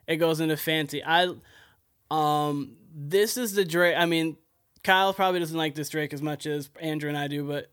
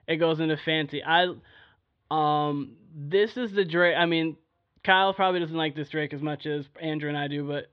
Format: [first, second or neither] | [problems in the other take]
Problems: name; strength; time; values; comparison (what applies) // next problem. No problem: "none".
first | muffled; very; fading above 3.5 kHz